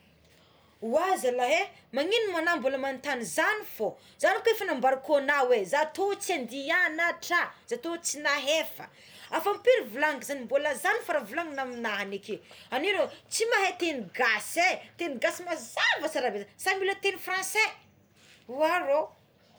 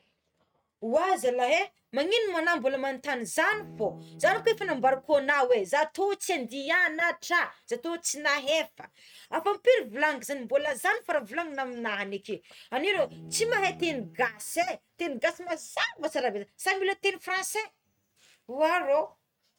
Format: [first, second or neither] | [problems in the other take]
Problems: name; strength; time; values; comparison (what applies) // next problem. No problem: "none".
first | noise reduction (neural mask model RNNoise)